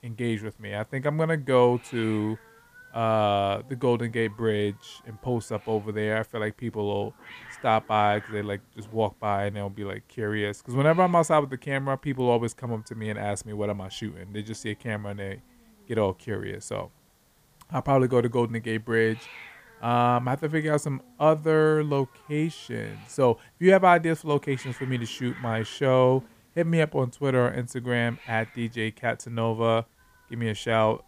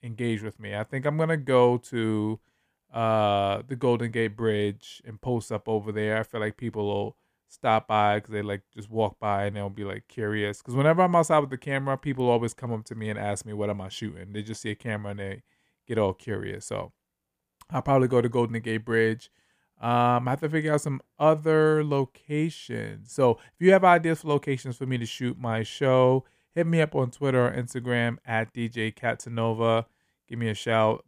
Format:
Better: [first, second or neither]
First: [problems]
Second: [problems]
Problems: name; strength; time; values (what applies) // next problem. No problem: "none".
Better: second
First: hiss; faint; throughout; 25 dB below the speech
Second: none